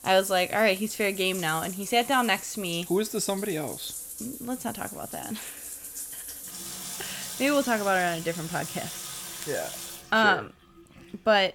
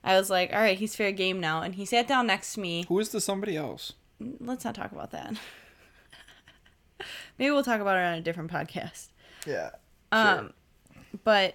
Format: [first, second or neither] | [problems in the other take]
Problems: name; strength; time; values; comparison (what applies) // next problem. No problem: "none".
second | household noises; loud; throughout; 10 dB below the speech